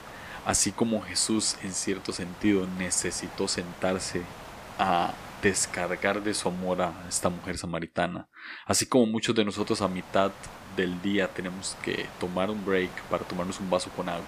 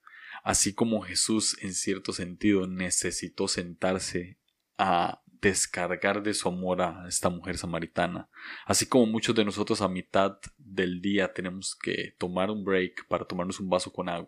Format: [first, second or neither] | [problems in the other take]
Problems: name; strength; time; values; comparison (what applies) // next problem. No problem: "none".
second | hiss; noticeable; until 7.5 s and from 9.5 s on; 15 dB below the speech